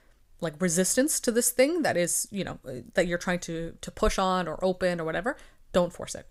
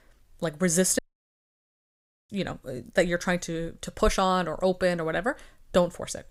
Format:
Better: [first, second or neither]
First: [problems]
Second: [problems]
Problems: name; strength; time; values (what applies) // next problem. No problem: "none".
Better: first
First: none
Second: audio cutting out; at 1 s for 1.5 s